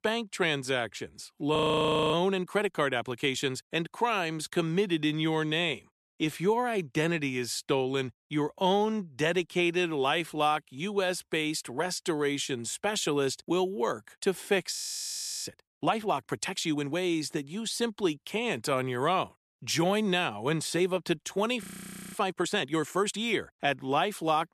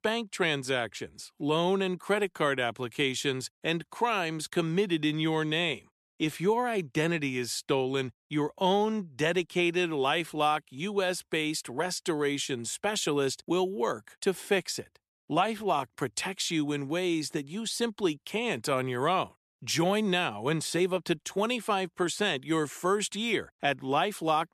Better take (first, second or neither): second